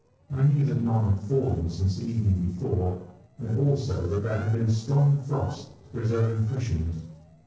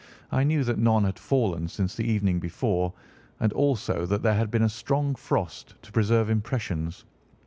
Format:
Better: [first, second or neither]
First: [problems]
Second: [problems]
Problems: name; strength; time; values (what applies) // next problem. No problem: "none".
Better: second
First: noise reduction (neural separator model SepFormer DNS4)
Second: none